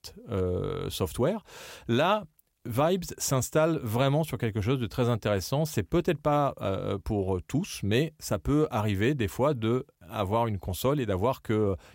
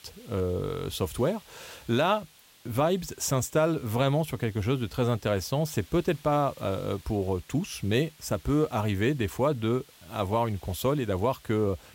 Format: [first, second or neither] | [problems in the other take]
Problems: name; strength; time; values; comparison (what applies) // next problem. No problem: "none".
first | hiss; faint; throughout; 25 dB below the speech